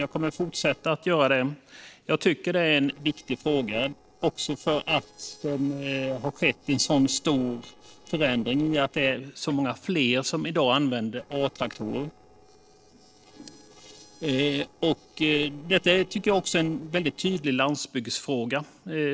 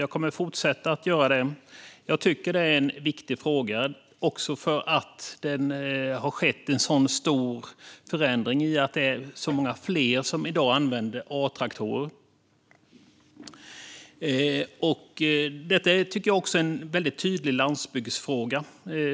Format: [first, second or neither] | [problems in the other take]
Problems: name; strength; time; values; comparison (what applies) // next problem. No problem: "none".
second | noise reduction (neural separator model SepFormer DNS4)